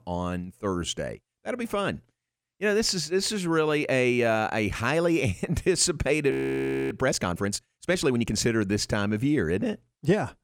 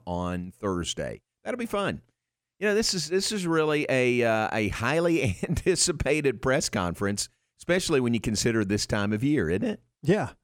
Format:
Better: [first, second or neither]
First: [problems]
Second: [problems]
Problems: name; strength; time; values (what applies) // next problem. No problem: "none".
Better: second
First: audio freezing; at 6.5 s for 0.5 s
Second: none